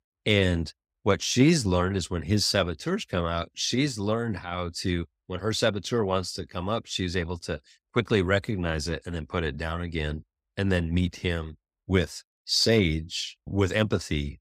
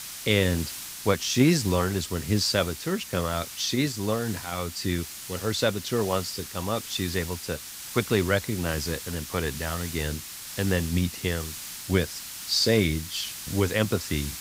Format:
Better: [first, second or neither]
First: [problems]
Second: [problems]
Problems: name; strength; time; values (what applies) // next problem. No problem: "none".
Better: first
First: none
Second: hiss; loud; throughout; 9 dB below the speech